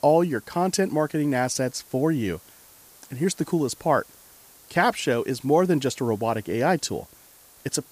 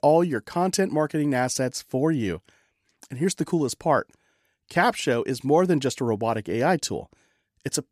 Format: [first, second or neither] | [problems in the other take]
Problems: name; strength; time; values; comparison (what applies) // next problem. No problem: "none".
second | hiss; faint; throughout; 25 dB below the speech